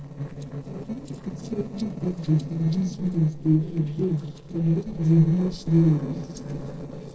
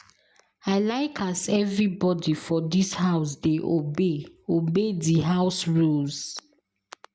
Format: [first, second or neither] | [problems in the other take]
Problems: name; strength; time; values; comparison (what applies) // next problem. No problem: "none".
second | noise reduction (neural separator model SepFormer DNS4)